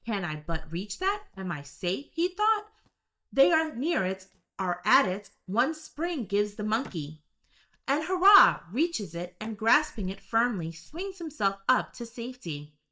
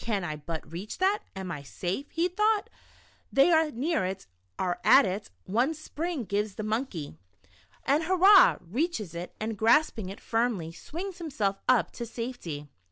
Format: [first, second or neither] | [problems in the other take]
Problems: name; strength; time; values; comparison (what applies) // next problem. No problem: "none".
second | noise reduction (neural mask model DeepFilterNet 3)